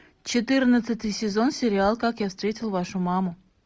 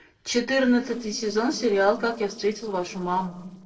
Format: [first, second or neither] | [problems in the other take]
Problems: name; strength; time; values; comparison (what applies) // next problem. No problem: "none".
first | noise reduction (neural separator model SepFormer DNS4)